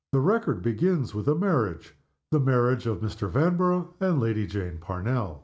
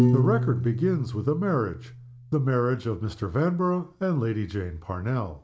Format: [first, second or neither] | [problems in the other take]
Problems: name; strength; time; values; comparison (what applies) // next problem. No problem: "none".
first | background sound (Piano); 4 dB below the speech